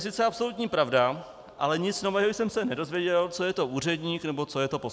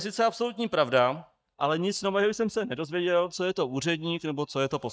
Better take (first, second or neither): first